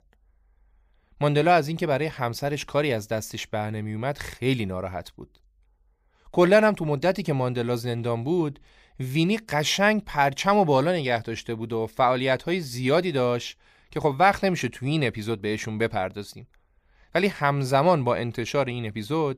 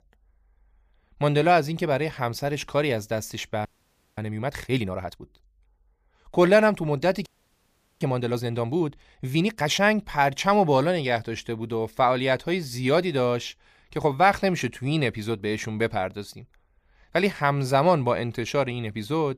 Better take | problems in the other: first | audio freezing; at 3.5 s for 0.5 s and at 7.5 s for 1 s

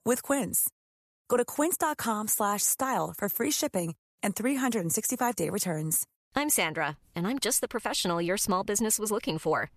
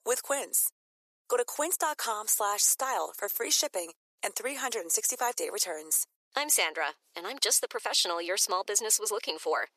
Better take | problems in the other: first | thin; very; fading below 400 Hz

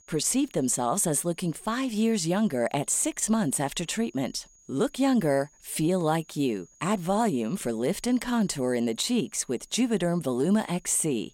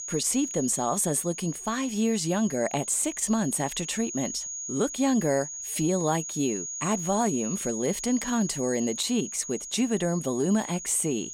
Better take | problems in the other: first | high-pitched whine; loud; throughout; 6.5 kHz, 7 dB below the speech; faint in the first

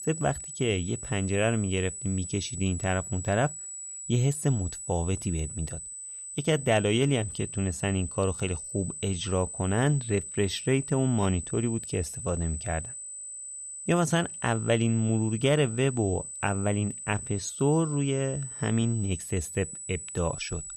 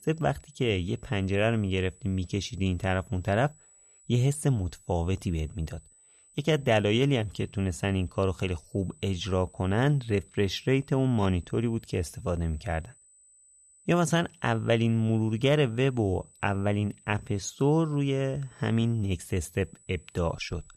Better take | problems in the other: second | high-pitched whine; loud; throughout; 8 kHz, 8 dB below the speech; faint in the second

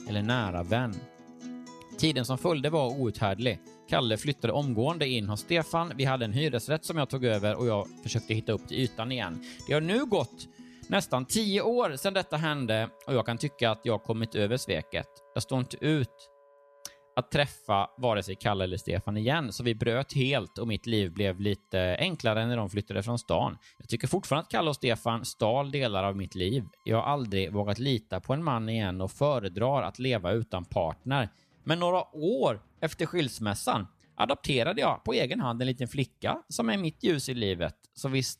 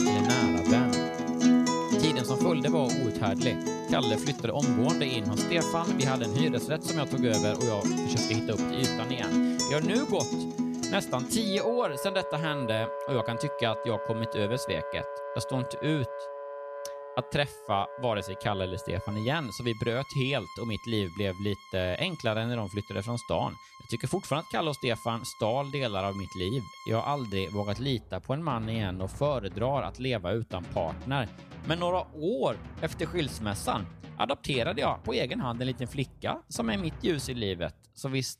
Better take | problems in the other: first | background music; loud; throughout; as loud as the speech; faint in the first

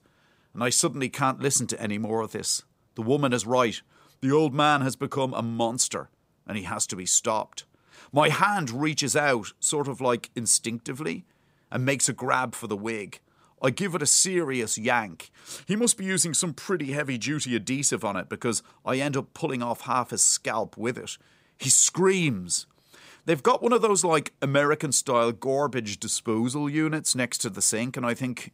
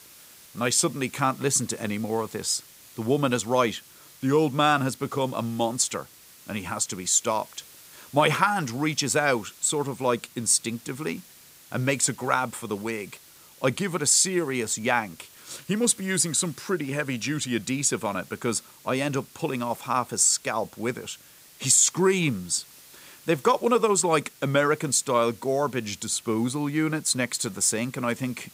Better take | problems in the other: first | hiss; faint; throughout; 25 dB below the speech

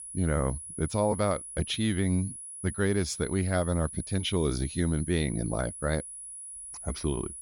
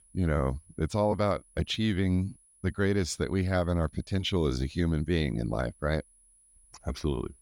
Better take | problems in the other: second | high-pitched whine; loud; throughout; 10.5 kHz, 9 dB below the speech; faint in the second

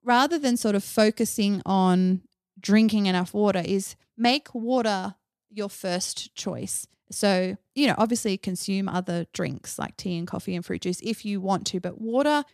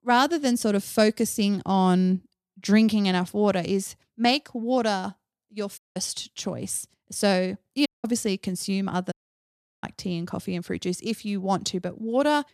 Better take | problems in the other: first | audio cutting out; at 6 s, at 8 s and at 9 s for 0.5 s

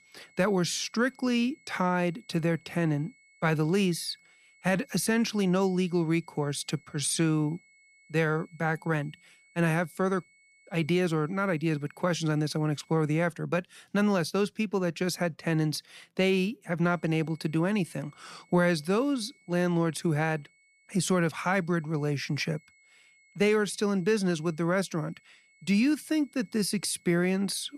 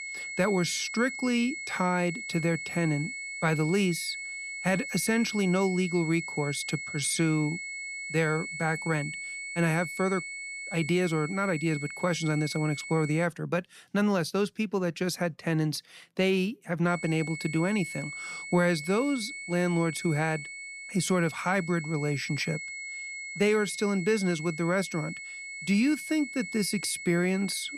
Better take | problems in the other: first | high-pitched whine; loud; until 13 s and from 17 s on; 2 kHz, 8 dB below the speech; faint in the first

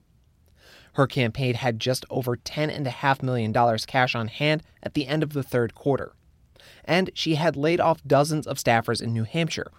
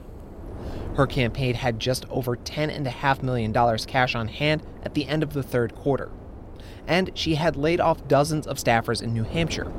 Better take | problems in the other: first | wind noise on the microphone; occasional gusts; 20 dB below the speech

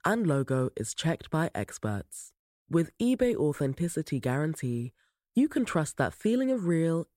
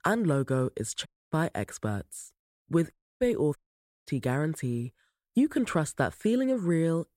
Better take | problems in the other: first | audio cutting out; at 1 s, at 3 s and at 3.5 s

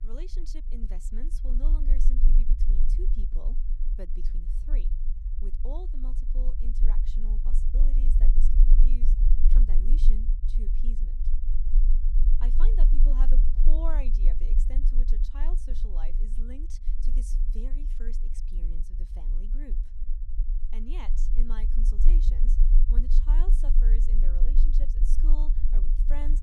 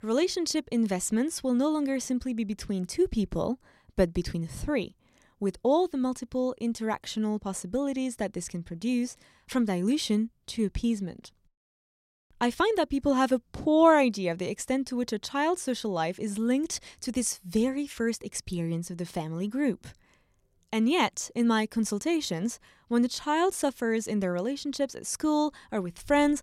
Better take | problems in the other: second | low rumble; loud; throughout; 5 dB below the speech

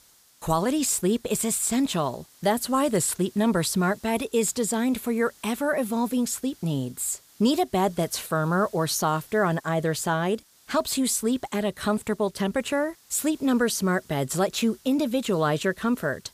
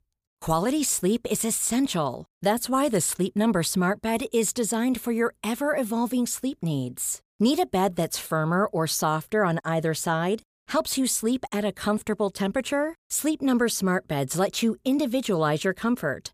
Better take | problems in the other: second | hiss; faint; throughout; 25 dB below the speech

